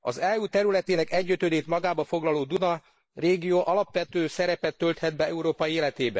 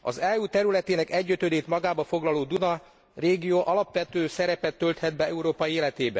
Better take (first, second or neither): second